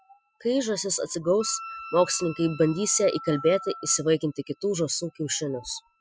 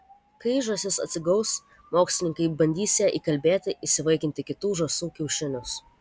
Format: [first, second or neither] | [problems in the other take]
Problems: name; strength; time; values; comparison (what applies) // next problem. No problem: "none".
second | noise reduction (classical method spectral subtraction)